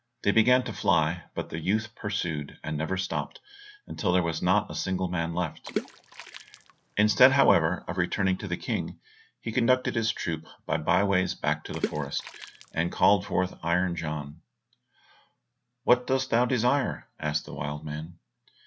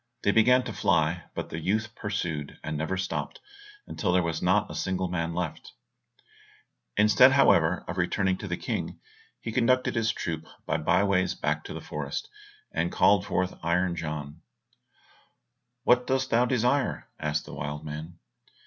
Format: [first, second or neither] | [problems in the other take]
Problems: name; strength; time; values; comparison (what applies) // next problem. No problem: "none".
second | background sound (Water / Splash, splatter); 12 dB below the speech